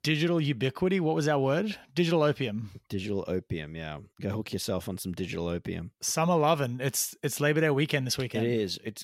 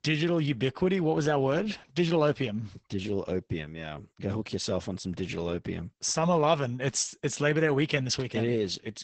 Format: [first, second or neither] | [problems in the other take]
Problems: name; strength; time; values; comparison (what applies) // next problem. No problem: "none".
first | garbled, watery; badly; nothing above 8 kHz